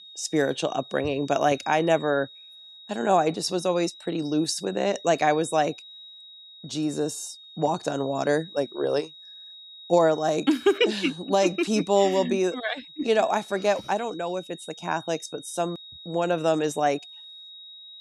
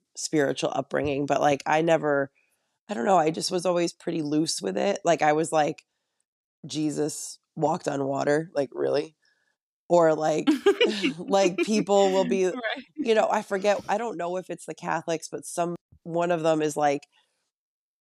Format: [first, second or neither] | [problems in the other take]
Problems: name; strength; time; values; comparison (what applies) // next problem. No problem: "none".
second | high-pitched whine; noticeable; throughout; 4 kHz, 20 dB below the speech